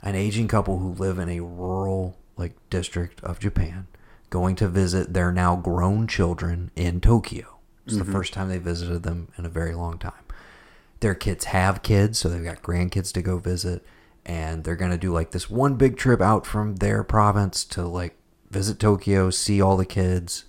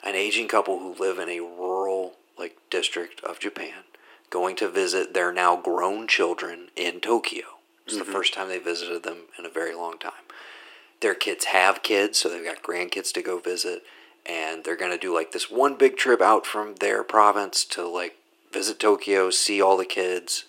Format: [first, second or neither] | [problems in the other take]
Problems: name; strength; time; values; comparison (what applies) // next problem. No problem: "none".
first | thin; very; fading below 350 Hz